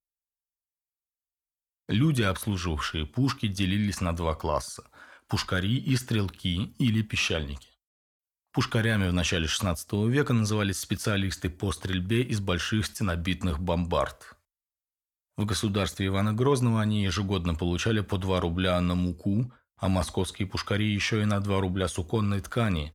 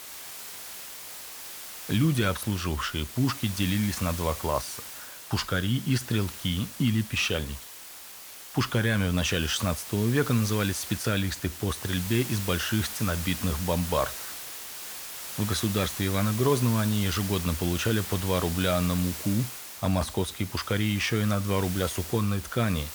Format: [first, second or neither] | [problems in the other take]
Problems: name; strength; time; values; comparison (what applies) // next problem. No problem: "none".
first | hiss; loud; throughout; 9 dB below the speech